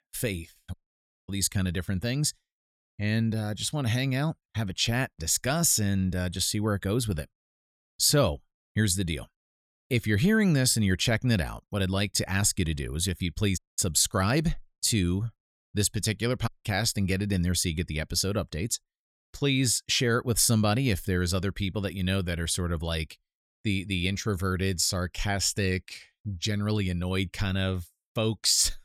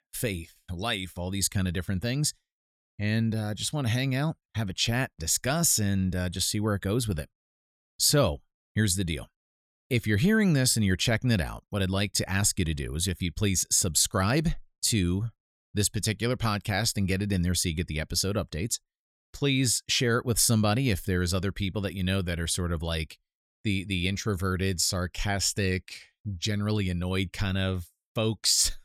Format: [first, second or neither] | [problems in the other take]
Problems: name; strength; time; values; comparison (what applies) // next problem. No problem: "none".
second | audio cutting out; at 0.5 s for 0.5 s, at 14 s and at 16 s